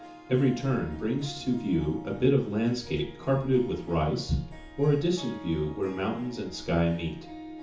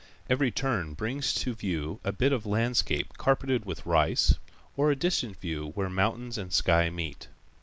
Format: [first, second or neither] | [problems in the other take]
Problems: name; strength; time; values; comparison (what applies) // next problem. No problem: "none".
second | background sound (Harp); 17 dB below the speech // room echo; dies away in 0.6 s